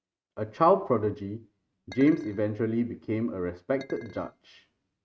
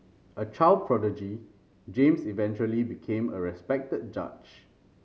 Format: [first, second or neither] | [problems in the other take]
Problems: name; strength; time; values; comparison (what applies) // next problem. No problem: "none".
second | noise reduction (neural mask model RNNoise)